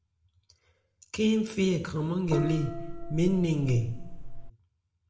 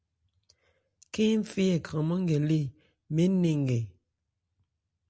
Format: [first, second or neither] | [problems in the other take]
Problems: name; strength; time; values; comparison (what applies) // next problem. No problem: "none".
second | background sound (Gong); 5 dB below the speech // room echo; dies away in 0.8 s